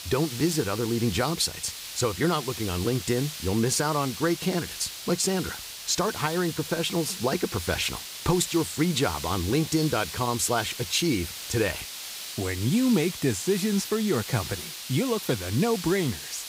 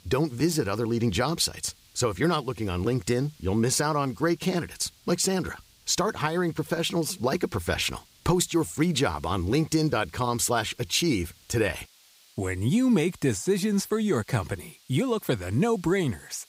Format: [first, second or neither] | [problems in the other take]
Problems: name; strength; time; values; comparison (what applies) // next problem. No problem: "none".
second | hiss; loud; throughout; 8 dB below the speech; faint in the second